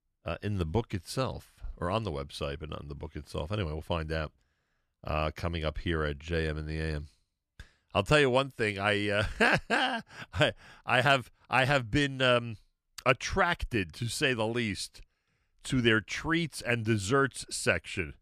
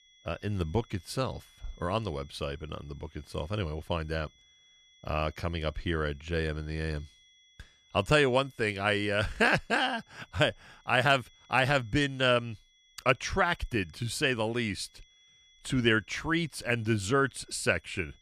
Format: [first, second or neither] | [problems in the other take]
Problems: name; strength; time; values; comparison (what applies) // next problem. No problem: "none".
first | high-pitched whine; faint; throughout; 3.5 kHz, 30 dB below the speech